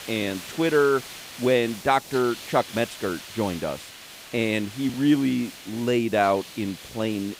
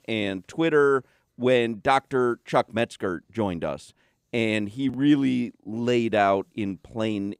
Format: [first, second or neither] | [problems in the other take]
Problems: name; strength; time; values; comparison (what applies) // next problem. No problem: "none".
second | hiss; noticeable; throughout; 15 dB below the speech